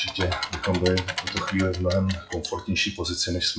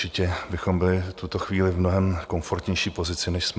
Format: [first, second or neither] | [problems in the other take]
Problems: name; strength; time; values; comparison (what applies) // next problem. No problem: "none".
second | noise reduction (classical method WPE with log-MMSE)